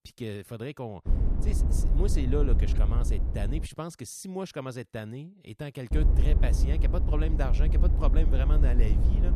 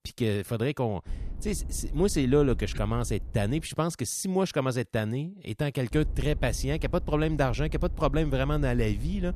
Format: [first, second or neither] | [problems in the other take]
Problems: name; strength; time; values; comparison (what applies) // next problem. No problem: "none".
second | low rumble; loud; from 1 to 3.5 s and from 6 s on; 5 dB below the speech; faint in the second